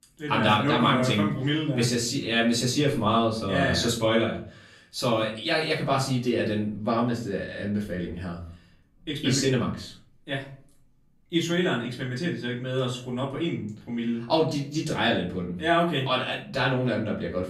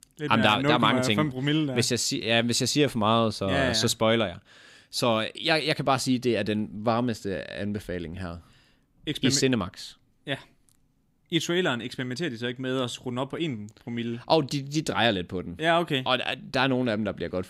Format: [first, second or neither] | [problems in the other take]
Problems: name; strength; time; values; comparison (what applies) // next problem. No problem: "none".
second | room echo; slight; dies away in 0.4 s // off-mic speech; far